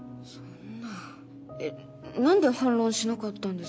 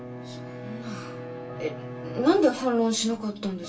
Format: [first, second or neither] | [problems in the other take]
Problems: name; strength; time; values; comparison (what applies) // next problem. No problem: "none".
first | background sound (Bowed string instrument); 12 dB below the speech // room echo; dies away in 0.2 s